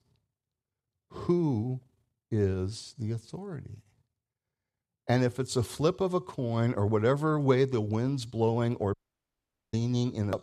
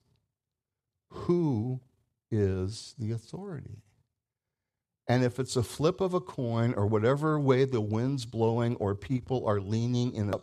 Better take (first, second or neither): second